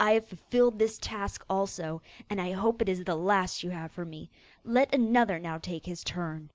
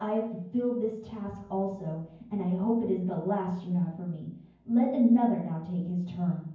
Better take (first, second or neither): first